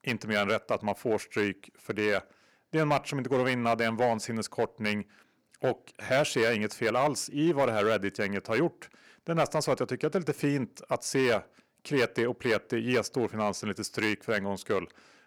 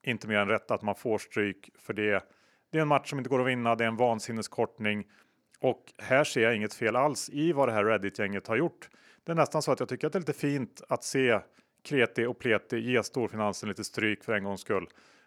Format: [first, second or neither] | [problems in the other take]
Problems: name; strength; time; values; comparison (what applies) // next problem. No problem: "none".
second | distortion; slight; 3% of the sound clipped